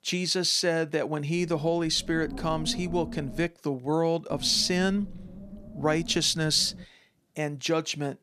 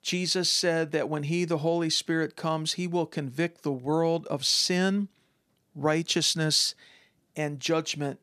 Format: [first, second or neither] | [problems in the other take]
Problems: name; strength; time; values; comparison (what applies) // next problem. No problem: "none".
second | wind noise on the microphone; occasional gusts; from 1.5 to 3.5 s and from 4.5 to 7 s; 20 dB below the speech